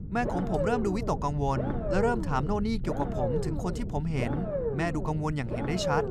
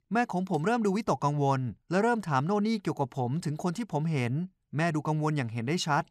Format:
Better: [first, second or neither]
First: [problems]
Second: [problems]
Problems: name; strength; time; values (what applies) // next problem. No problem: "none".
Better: second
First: low rumble; loud; throughout; 3 dB below the speech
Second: none